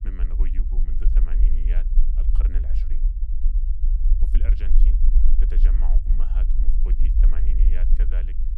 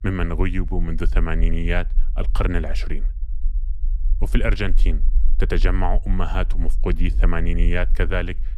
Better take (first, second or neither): second